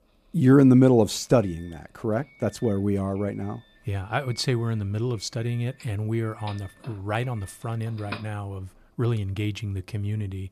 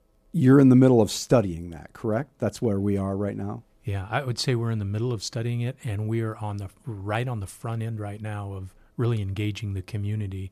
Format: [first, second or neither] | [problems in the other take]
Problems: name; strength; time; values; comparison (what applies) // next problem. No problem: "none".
second | doorbell; faint; from 6 to 8 s; peak 15 dB below the speech